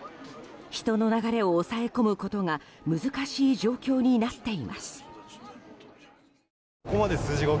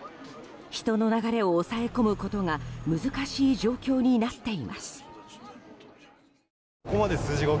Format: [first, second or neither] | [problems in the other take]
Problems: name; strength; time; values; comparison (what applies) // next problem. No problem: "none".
first | background sound (Car); 14 dB below the speech